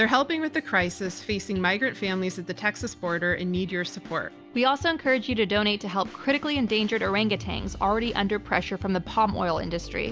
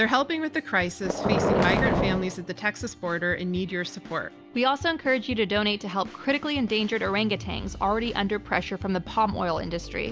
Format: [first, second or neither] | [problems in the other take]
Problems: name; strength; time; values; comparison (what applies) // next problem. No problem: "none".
first | background sound (Boom); 1 dB above the speech